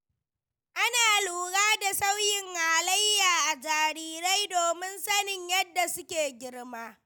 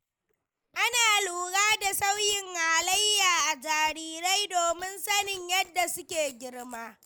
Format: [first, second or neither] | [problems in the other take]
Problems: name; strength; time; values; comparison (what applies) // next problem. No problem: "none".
first | noise reduction (neural mask model Resemble Enhance denoiser)